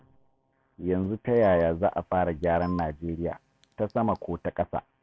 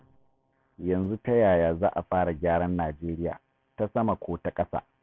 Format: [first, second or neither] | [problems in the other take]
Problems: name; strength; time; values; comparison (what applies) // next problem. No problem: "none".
second | background sound (Telephone); 19 dB below the speech